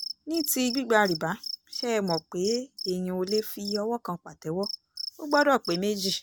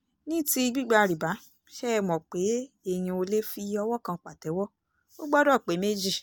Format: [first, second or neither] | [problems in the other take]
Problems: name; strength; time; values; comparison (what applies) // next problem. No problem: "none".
second | background sound (Cricket); 11 dB below the speech